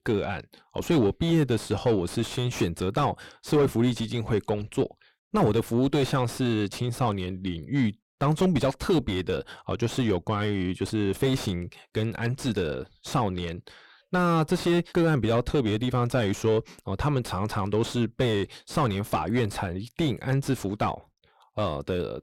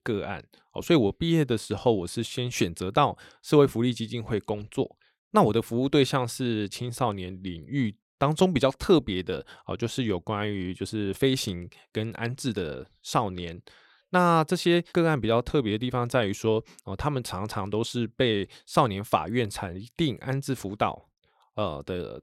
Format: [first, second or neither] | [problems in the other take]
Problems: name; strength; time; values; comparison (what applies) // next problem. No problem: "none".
second | distortion; heavy; 6 dB below the speech